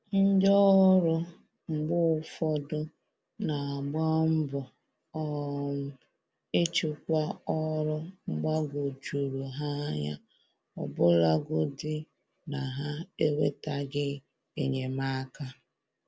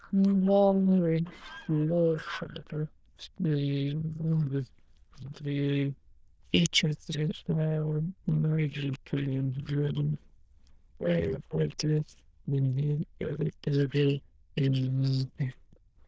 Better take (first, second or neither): first